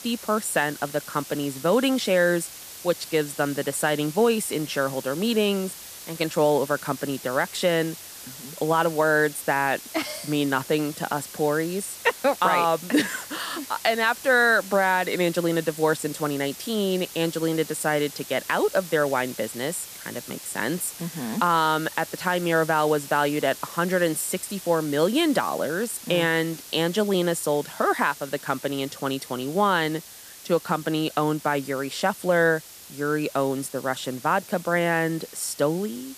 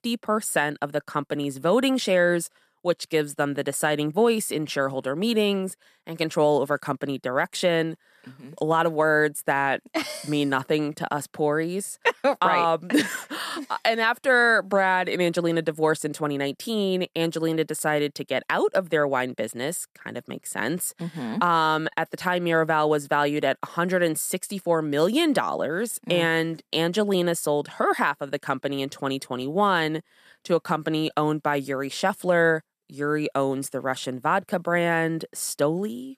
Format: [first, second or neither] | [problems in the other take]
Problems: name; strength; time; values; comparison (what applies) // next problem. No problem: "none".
second | hiss; noticeable; throughout; 15 dB below the speech